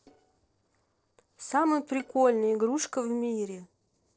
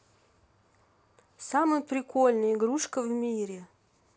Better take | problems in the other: second | noise reduction (neural separator model SepFormer DNS4)

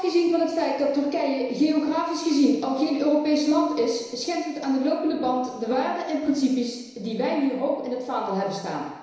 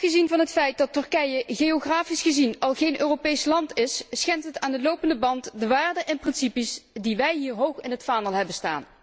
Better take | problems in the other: second | room echo; dies away in 1 s

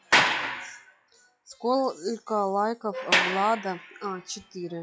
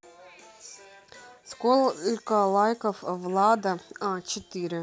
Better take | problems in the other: second | noise reduction (classical method log-MMSE)

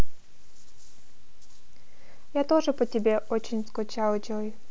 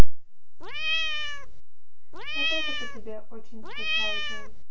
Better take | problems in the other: first | background sound (Cat); 11 dB below the speech // room echo; dies away in 0.2 s

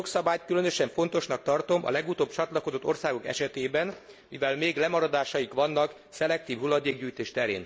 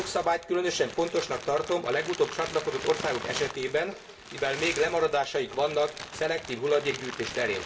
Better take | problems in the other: first | background sound (Crumpling, crinkling); 11 dB below the speech // room echo; dies away in 0.2 s

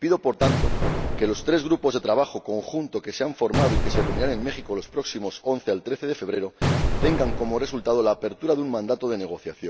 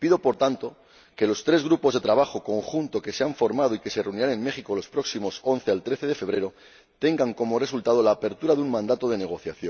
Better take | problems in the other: second | background sound (Explosion); 2 dB below the speech

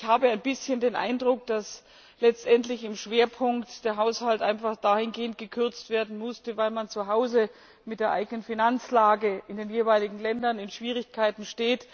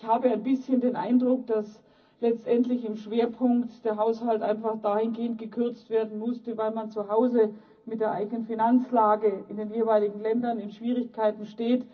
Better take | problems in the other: first | room echo; dies away in 0.4 s

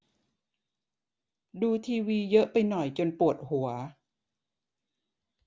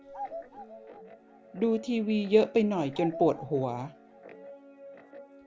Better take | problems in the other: first | background sound (Guitar + Bird vocalization, bird call, bird song); 15 dB below the speech

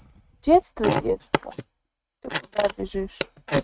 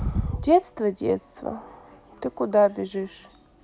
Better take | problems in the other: second | noise reduction (neural mask model RNNoise)

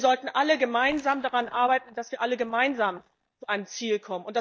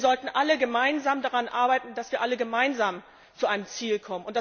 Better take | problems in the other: second | noise reduction (neural mask model DeepFilterNet 3)

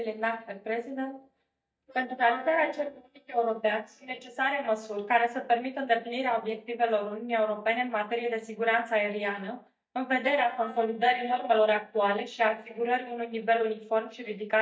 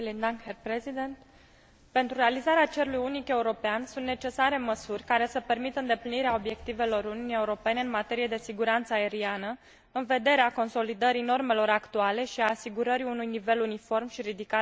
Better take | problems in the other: second | noise reduction (neural mask model DeepFilterNet 3)

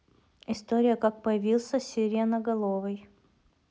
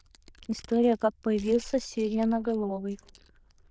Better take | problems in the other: first | noise reduction (neural diffusion model UNIVERSE++)

